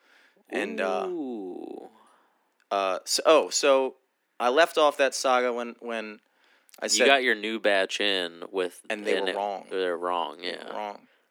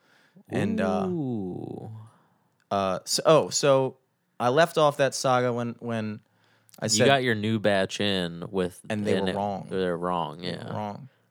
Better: second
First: thin; somewhat; fading below 250 Hz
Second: none

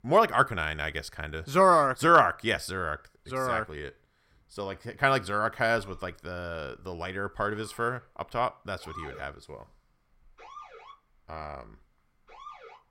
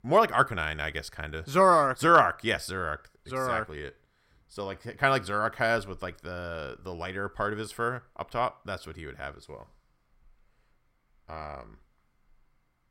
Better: second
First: siren; faint; from 6 s on; peak 15 dB below the speech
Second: none

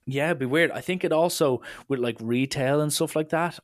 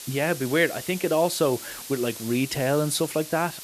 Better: first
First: none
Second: hiss; noticeable; throughout; 10 dB below the speech

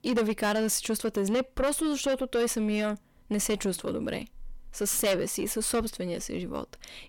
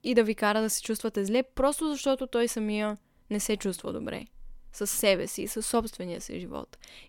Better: second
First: distortion; heavy; 8 dB below the speech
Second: none

